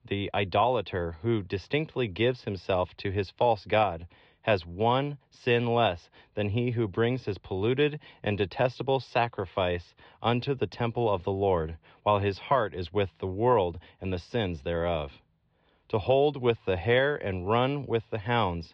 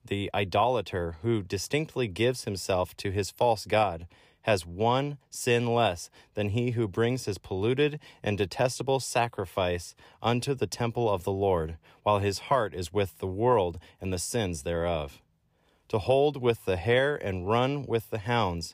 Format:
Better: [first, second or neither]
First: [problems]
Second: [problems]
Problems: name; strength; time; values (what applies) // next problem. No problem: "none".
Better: second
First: muffled; slightly; fading above 4 kHz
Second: none